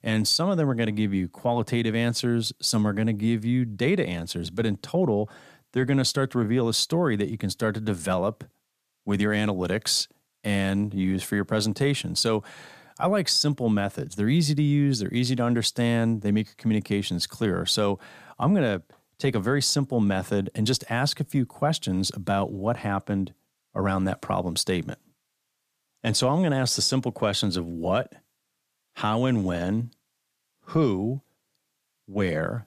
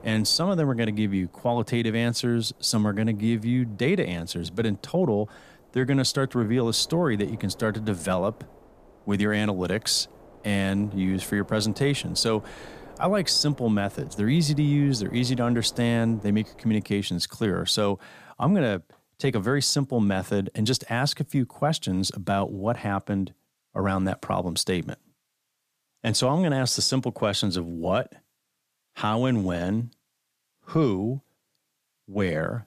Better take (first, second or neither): first